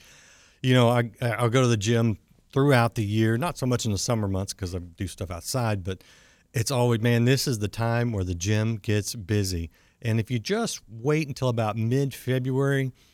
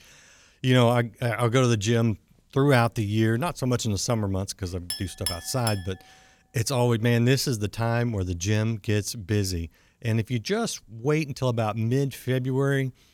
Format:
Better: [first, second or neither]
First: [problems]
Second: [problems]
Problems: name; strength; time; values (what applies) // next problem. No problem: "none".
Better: first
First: none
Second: clattering dishes; noticeable; at 5 s; peak 6 dB below the speech